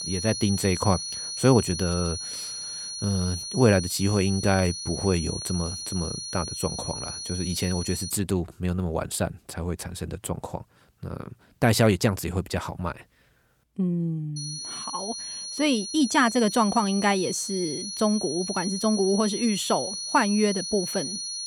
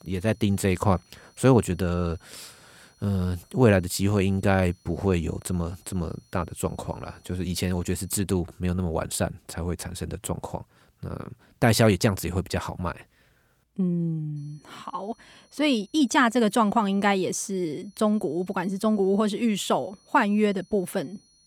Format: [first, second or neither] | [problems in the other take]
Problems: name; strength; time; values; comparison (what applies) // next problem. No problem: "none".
second | high-pitched whine; loud; until 8 s and from 14 s on; 4.5 kHz, 6 dB below the speech; faint in the second